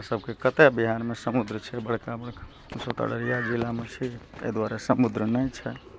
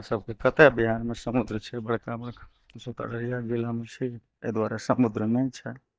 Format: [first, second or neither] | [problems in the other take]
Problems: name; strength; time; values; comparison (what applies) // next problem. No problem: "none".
first | noise reduction (neural mask model DeepFilterNet 3)